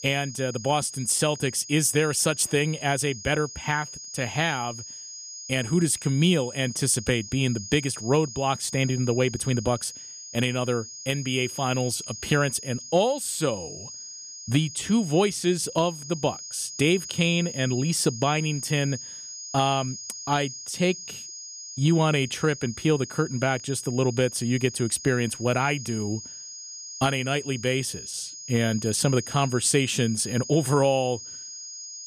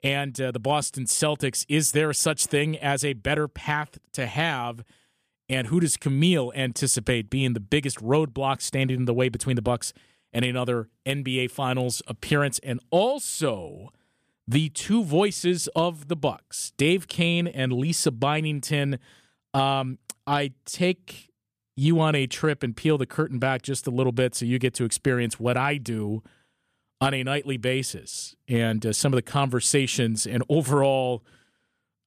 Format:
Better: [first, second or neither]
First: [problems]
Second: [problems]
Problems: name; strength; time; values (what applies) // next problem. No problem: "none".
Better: second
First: high-pitched whine; noticeable; throughout; 6.5 kHz, 10 dB below the speech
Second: none